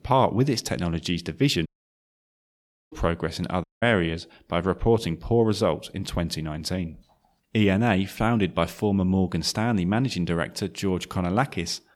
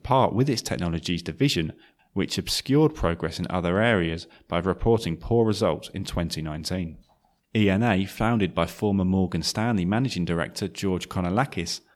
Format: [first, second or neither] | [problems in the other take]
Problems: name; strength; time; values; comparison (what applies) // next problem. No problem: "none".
second | audio cutting out; at 1.5 s for 1.5 s and at 3.5 s